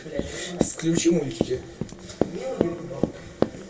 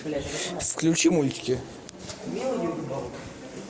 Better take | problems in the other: second | background sound (Run); 1 dB below the speech // room echo; dies away in 0.2 s

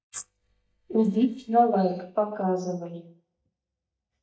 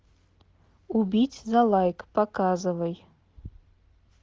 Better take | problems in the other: second | noise reduction (neural mask model DeepFilterNet 3)

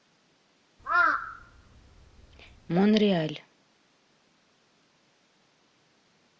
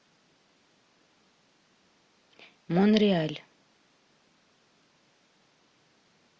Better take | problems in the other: second | background sound (Crow); 2 dB above the speech

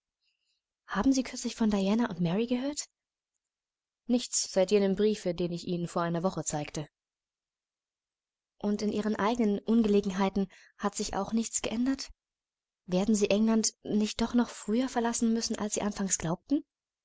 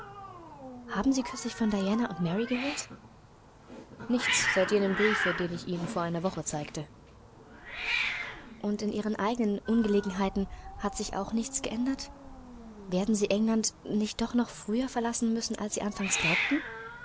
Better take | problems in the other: first | background sound (Hiss); 7 dB below the speech

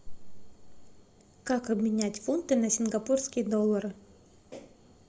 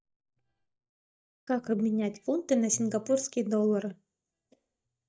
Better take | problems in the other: first | noise reduction (neural mask model DeepFilterNet 3)

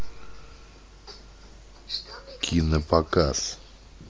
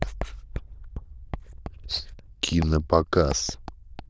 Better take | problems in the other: first | noise reduction (neural diffusion model UNIVERSE++)

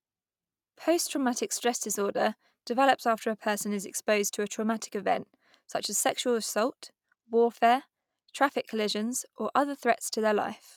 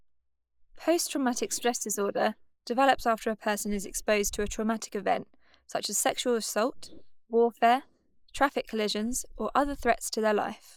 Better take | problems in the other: first | noise reduction (neural mask model Resemble Enhance denoiser)

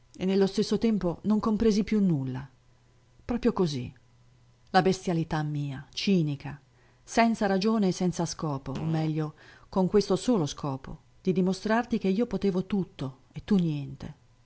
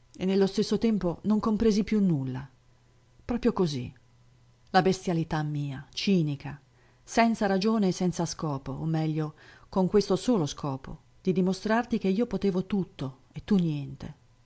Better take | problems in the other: second | background sound (Fart); 18 dB below the speech

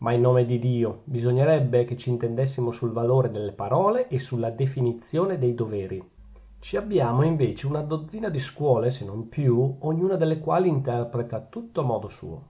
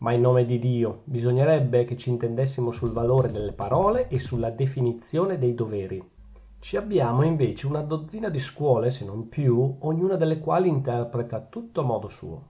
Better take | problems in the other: first | background sound (Drum kit); 14 dB below the speech

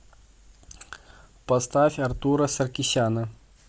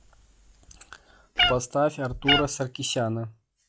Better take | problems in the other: first | noise reduction (classical method log-MMSE)

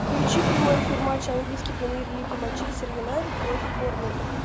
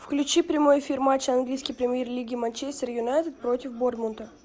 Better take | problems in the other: second | background sound (Train); 3 dB above the speech

